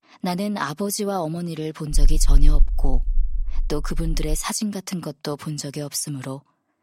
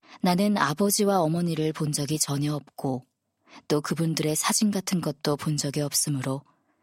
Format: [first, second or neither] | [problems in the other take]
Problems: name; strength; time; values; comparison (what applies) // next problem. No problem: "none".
second | low rumble; faint; from 2 to 4.5 s; 25 dB below the speech